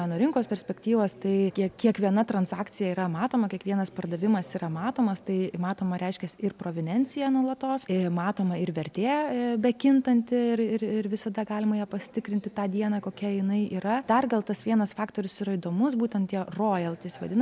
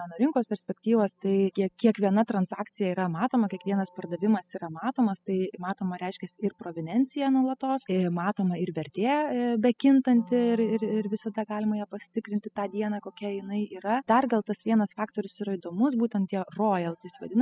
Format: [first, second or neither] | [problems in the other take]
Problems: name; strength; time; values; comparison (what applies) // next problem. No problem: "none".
first | noise reduction (classical method spectral subtraction)